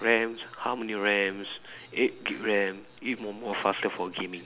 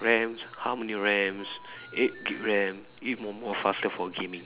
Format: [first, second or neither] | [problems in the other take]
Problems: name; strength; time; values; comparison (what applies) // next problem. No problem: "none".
first | background sound (Telephone); 19 dB below the speech